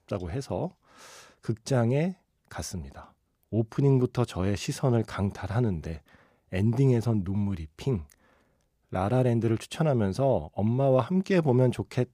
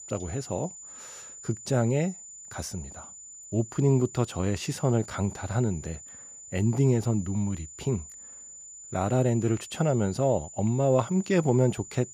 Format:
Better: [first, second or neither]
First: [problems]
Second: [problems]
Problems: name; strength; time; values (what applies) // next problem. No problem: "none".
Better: first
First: none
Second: high-pitched whine; noticeable; throughout; 7 kHz, 15 dB below the speech